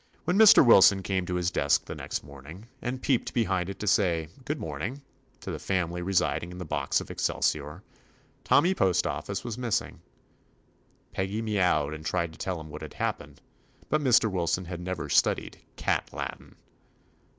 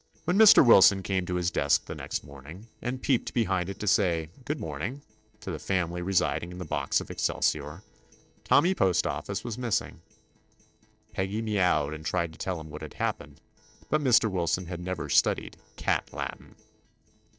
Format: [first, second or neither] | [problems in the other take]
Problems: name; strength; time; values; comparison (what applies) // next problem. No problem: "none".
first | noise reduction (neural separator model SepFormer DNS4)